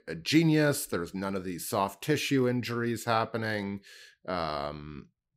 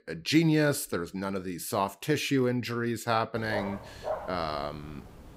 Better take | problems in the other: first | dog barking; noticeable; from 3.5 s on; peak 7 dB below the speech

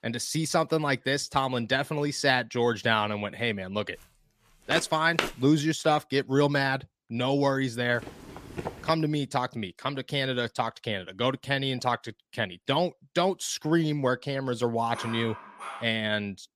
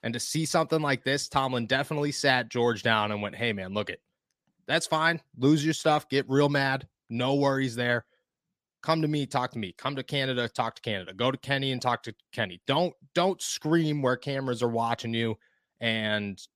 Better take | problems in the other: second | footsteps; noticeable; at 4.5 s and at 8 s; peak 3 dB below the speech // dog barking; faint; at 15 s; peak 10 dB below the speech

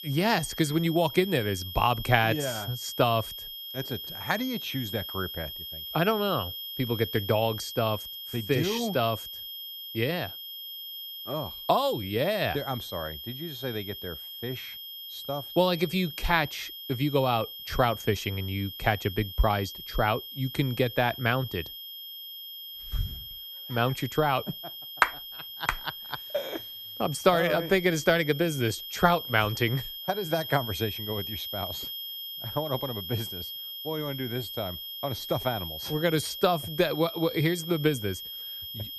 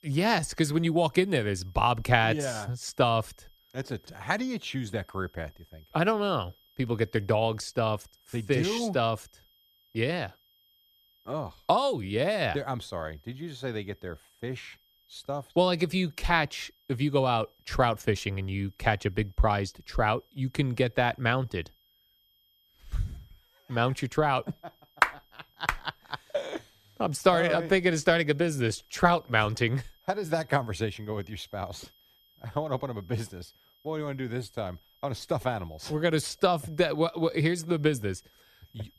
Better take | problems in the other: second | high-pitched whine; loud; throughout; 3 kHz, 8 dB below the speech; faint in the second

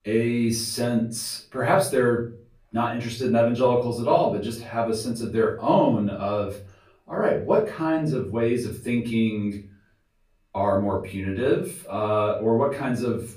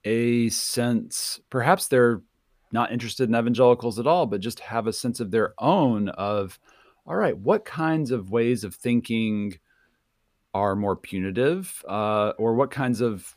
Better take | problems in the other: second | off-mic speech; far // room echo; slight; dies away in 0.4 s

